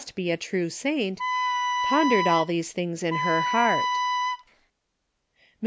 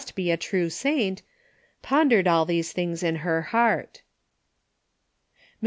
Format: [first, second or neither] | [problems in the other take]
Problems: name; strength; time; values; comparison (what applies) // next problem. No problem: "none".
second | background sound (Wind instrument, woodwind instrument); 1 dB above the speech